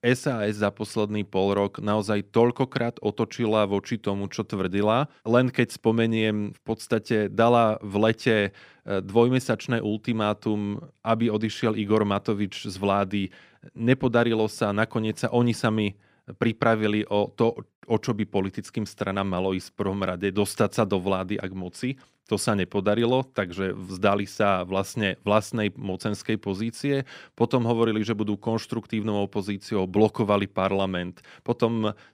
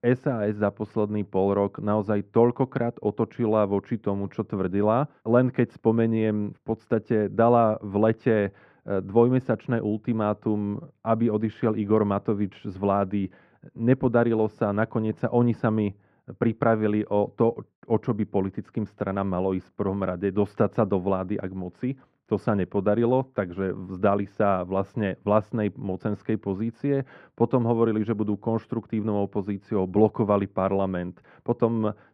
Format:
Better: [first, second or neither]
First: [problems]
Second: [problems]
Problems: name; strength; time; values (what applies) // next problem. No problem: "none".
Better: first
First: none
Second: muffled; very; fading above 3 kHz